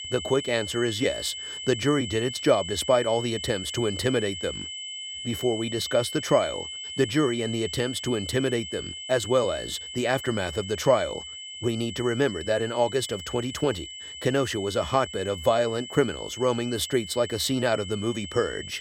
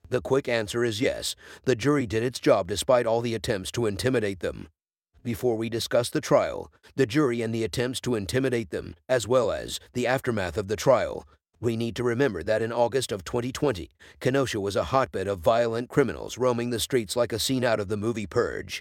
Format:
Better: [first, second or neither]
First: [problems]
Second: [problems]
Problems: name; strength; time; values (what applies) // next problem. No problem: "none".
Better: second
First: high-pitched whine; loud; throughout; 3 kHz, 9 dB below the speech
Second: none